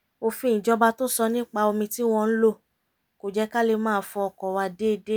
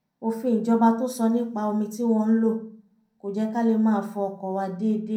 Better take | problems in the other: first | room echo; dies away in 0.6 s

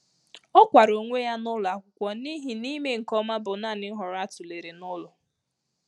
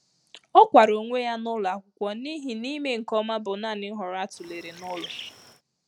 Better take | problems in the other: first | background sound (Bird); 17 dB below the speech

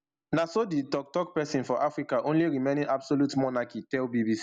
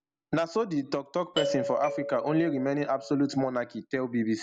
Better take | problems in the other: first | background sound (Doorbell); 6 dB below the speech

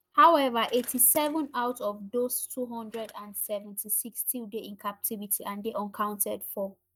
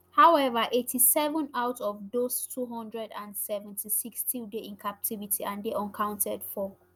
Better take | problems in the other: second | noise reduction (neural mask model DeepFilterNet 3)

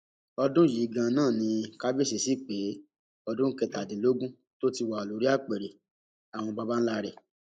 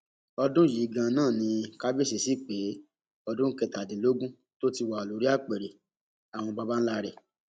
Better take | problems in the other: second | noise reduction (neural mask model Resemble Enhance denoiser)

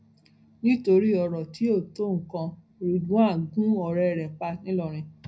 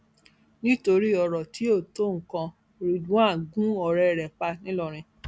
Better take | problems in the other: second | room echo; dies away in 0.4 s

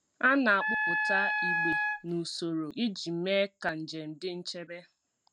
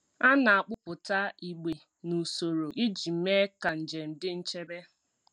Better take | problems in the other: second | background sound (Wind instrument, woodwind instrument); 2 dB above the speech

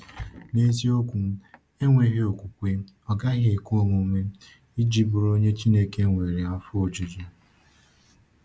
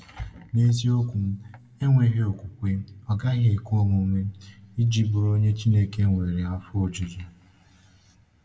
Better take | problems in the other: first | room echo; dies away in 0.8 s

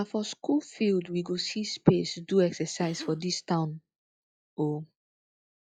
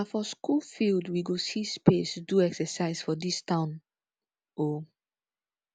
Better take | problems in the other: second | noise reduction (classical method log-MMSE)

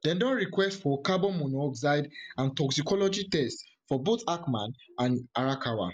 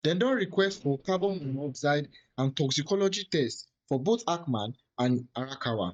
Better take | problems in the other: first | noise reduction (neural mask model DeepFilterNet 3)

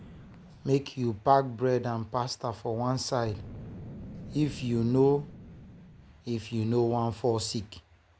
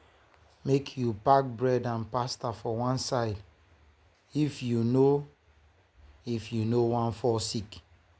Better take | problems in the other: second | background sound (Boom); 18 dB below the speech

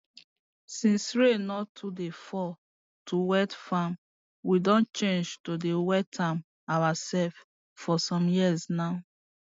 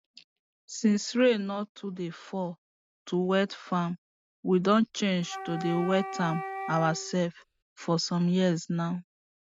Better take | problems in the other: first | background sound (Wind instrument, woodwind instrument); 10 dB below the speech

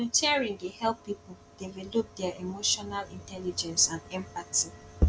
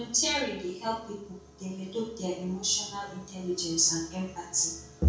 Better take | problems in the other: first | room echo; dies away in 0.5 s

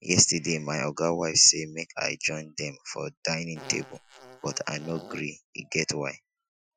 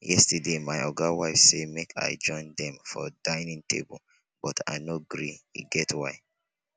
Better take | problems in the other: second | noise reduction (classical method Wiener filter)

